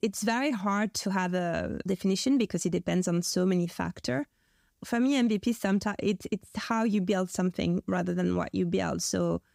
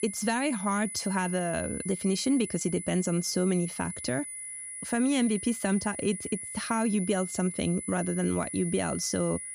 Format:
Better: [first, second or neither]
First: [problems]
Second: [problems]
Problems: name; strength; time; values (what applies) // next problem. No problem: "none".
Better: first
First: none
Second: high-pitched whine; loud; throughout; 10 kHz, 7 dB below the speech